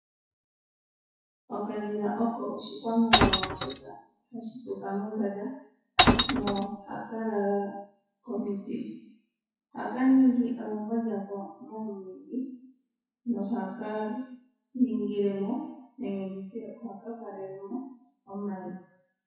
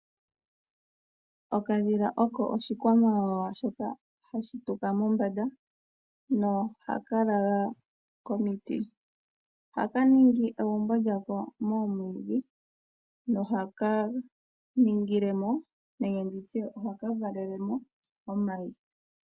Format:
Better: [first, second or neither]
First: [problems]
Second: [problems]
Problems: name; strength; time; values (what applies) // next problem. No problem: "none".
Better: second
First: noise reduction (classical method WPE with log-MMSE)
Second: none